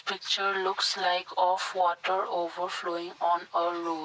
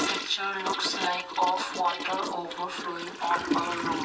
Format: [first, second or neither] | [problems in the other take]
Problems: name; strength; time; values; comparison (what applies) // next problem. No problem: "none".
first | background sound (Toilet flush / Gurgling); 3 dB below the speech // room echo; dies away in 0.8 s